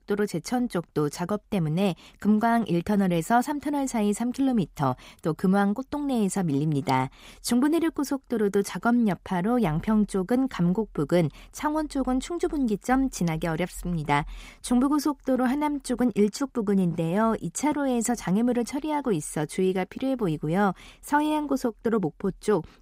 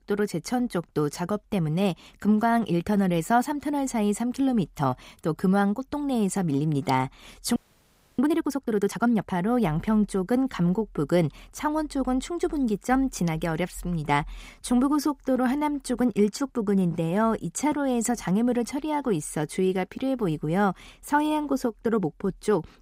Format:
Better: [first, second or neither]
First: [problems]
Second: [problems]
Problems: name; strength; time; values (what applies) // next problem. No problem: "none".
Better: first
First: none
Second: audio freezing; at 7.5 s for 0.5 s